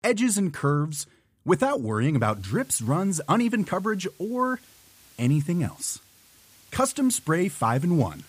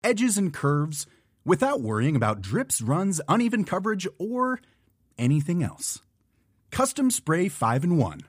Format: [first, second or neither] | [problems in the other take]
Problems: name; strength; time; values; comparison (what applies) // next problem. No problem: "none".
second | hiss; faint; from 2 s on; 25 dB below the speech